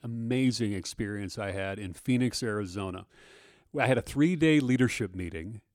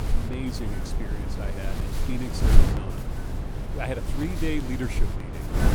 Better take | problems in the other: first | wind noise on the microphone; heavy; 1 dB below the speech

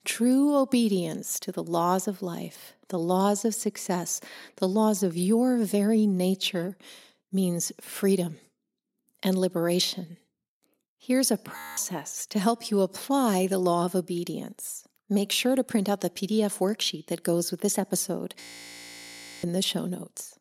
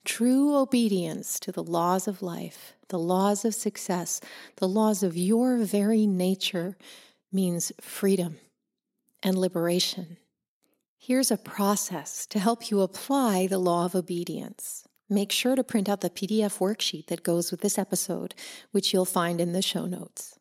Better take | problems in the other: second | audio freezing; at 12 s and at 18 s for 1 s

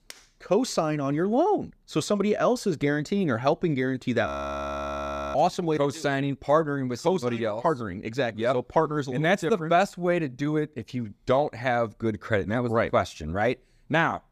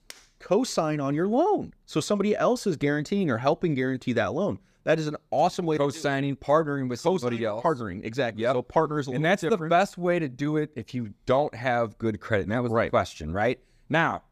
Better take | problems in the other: second | audio freezing; at 4.5 s for 1 s

